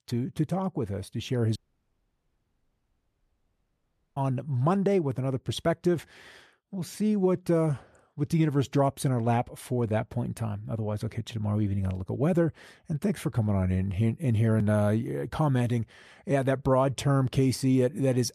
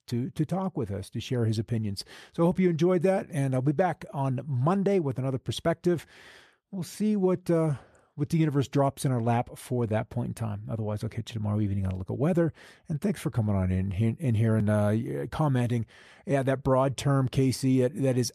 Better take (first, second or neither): second